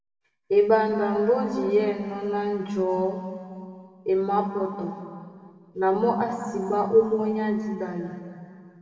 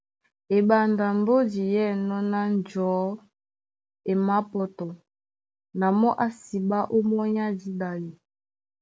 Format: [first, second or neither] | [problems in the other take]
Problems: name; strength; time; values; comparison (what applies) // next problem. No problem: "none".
second | room echo; dies away in 2.4 s